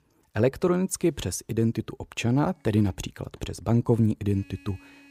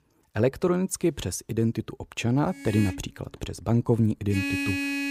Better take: first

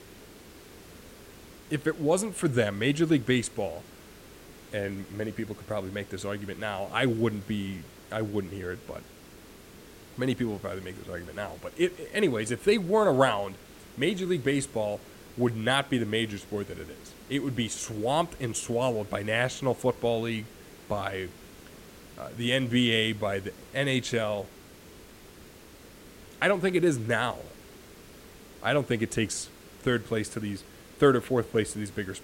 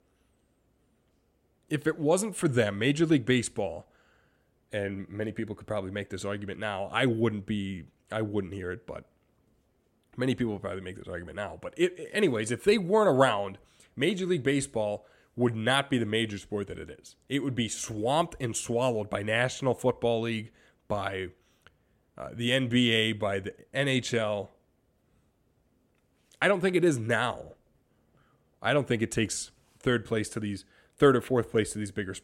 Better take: second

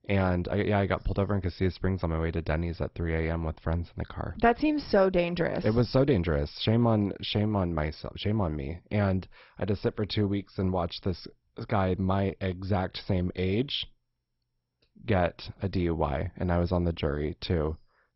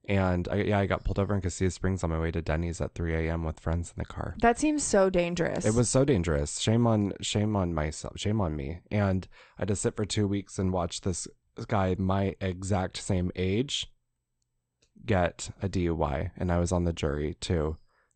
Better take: second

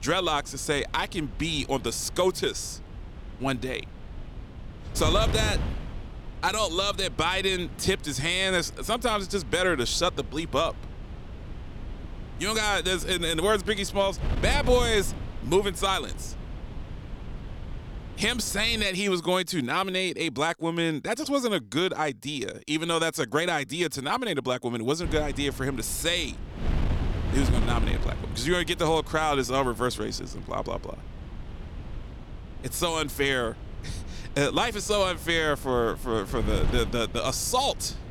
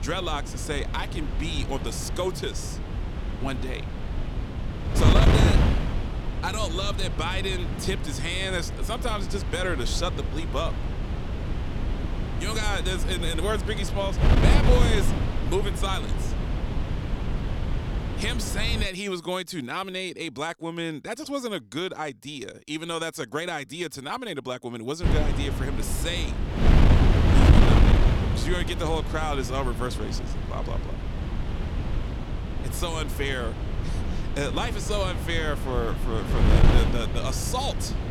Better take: first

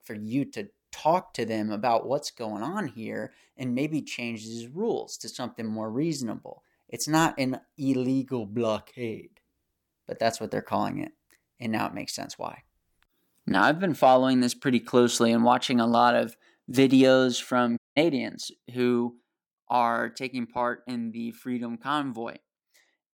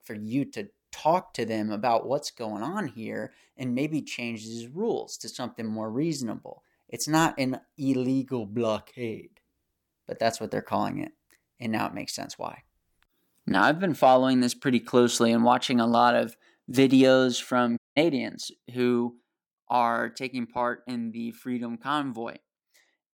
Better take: neither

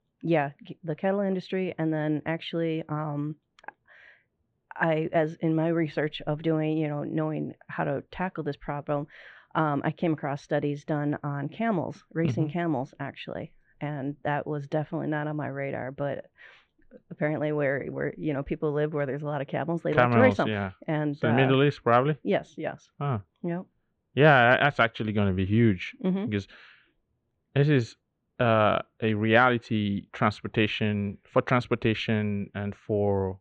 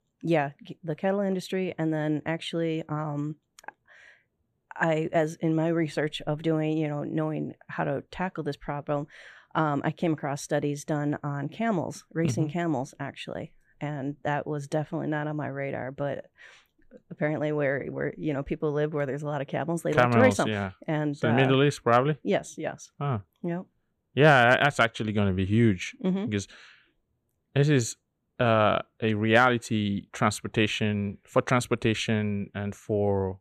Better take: second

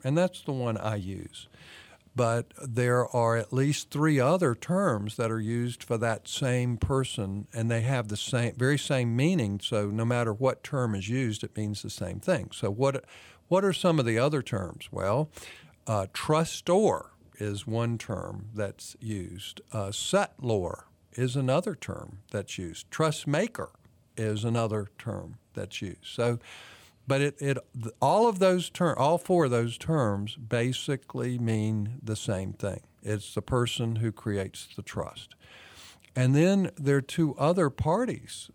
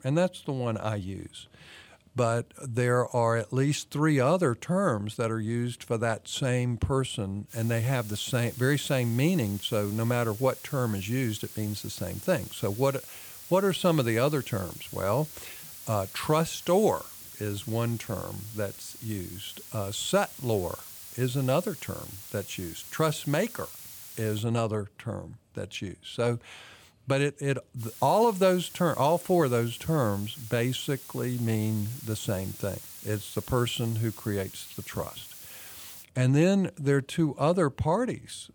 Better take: first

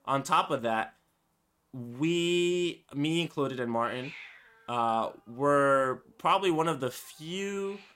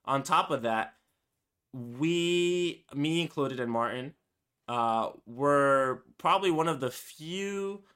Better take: second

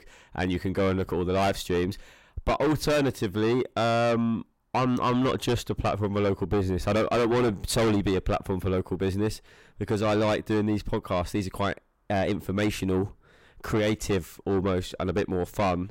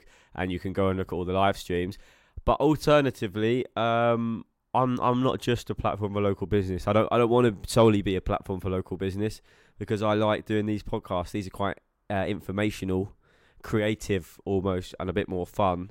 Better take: second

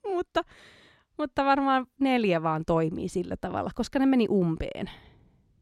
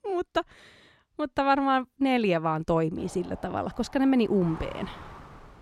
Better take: first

